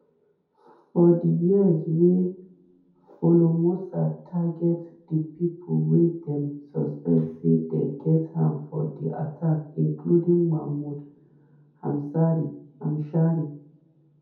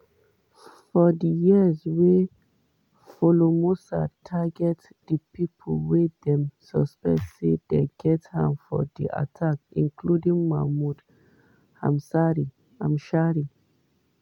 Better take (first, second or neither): second